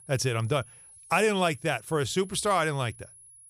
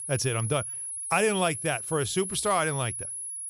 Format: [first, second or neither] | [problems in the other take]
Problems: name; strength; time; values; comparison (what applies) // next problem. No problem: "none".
first | high-pitched whine; loud; throughout; 10.5 kHz, 5 dB below the speech; faint in the first